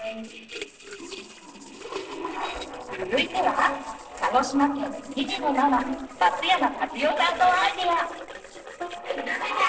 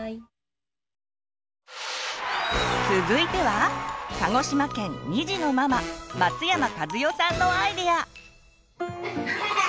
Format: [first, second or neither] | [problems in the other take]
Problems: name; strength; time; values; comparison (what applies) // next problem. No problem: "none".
second | noise reduction (neural separator model SepFormer DNS4)